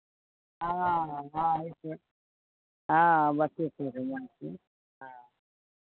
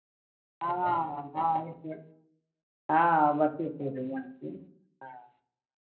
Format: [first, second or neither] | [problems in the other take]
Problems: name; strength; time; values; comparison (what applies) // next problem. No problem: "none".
first | room echo; dies away in 0.5 s